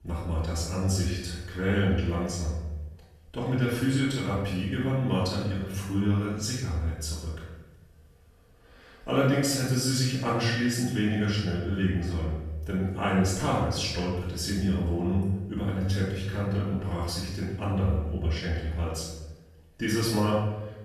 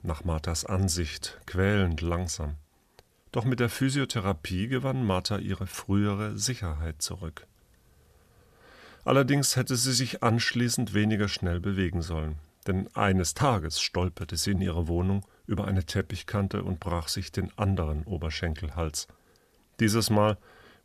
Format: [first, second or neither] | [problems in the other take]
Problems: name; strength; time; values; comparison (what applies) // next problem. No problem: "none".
second | room echo; noticeable; dies away in 0.9 s // off-mic speech; far